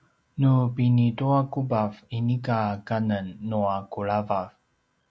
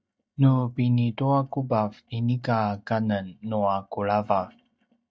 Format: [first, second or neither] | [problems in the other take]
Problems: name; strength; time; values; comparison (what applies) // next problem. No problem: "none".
first | noise reduction (neural mask model DeepFilterNet 3)